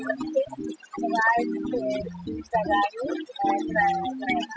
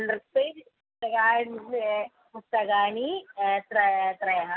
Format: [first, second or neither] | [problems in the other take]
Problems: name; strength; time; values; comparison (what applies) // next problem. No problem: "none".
second | noise reduction (classical method spectral subtraction)